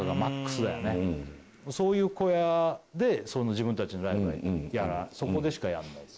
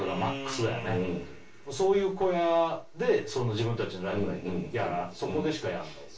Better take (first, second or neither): first